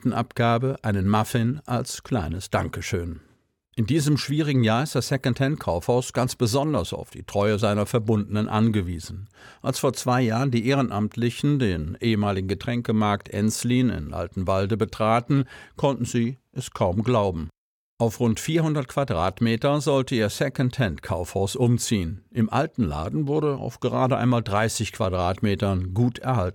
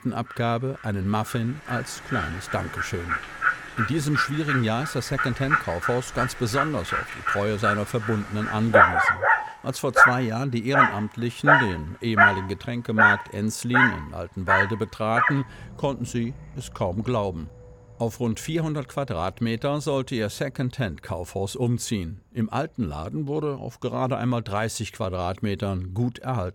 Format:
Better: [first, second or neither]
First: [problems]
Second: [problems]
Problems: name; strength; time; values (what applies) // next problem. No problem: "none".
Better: first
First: none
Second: animal sounds; very loud; throughout; 5 dB above the speech